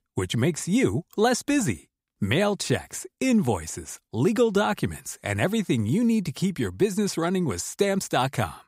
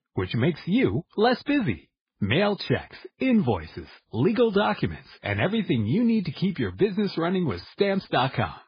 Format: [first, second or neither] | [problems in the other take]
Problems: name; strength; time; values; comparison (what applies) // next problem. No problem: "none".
first | garbled, watery; badly